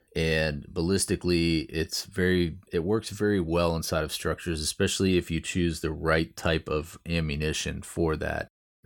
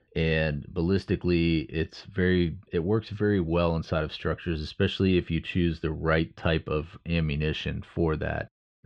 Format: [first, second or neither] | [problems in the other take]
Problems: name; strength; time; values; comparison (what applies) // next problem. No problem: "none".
first | muffled; slightly; fading above 3.5 kHz